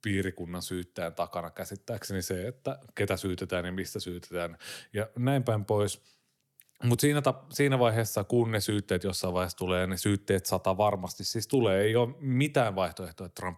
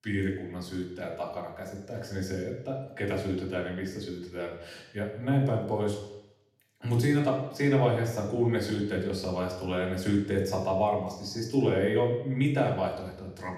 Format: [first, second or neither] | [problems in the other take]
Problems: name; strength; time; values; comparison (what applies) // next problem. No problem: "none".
first | room echo; noticeable; dies away in 0.8 s // off-mic speech; far